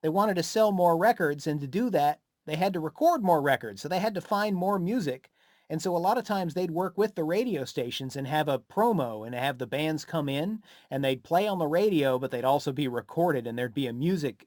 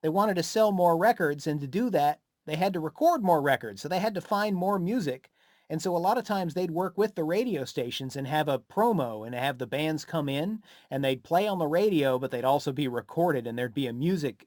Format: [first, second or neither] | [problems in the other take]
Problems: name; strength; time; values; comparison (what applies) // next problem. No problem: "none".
neither | none